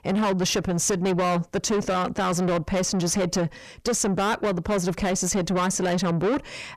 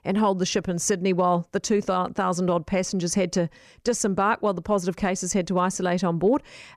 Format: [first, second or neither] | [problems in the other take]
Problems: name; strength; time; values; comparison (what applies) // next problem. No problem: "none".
second | distortion; heavy; 7 dB below the speech